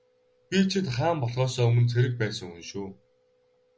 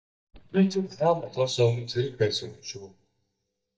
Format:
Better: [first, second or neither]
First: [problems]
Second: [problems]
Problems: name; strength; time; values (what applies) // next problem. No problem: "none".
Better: first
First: none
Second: noise reduction (neural mask model DeepFilterNet 3)